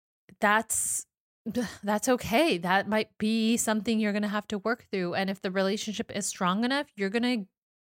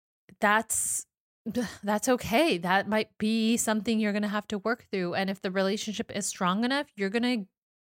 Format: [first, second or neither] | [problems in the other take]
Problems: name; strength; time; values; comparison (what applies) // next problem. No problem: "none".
neither | none